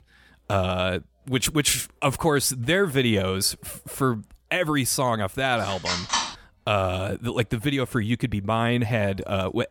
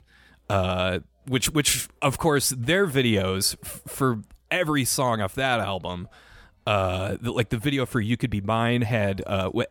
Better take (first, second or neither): second